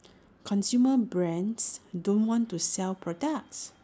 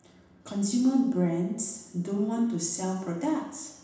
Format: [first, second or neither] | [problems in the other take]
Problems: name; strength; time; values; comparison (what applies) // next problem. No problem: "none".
first | room echo; dies away in 0.9 s